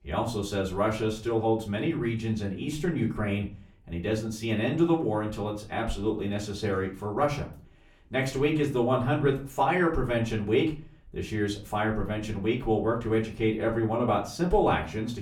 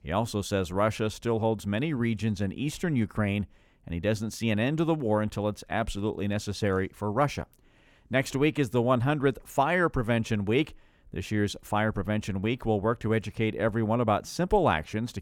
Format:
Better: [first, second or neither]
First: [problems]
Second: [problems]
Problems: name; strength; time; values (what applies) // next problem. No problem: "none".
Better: second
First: off-mic speech; far // room echo; very slight; dies away in 0.3 s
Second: none